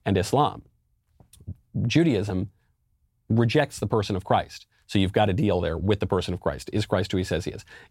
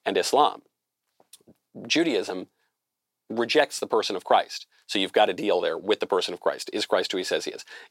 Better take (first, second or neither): first